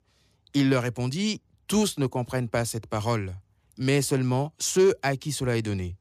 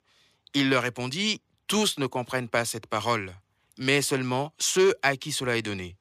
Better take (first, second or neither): first